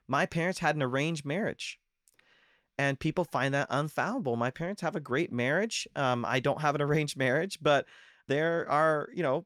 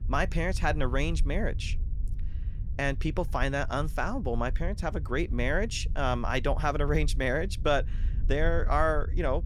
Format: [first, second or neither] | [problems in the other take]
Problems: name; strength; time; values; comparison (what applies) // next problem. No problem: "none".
first | low rumble; faint; throughout; 20 dB below the speech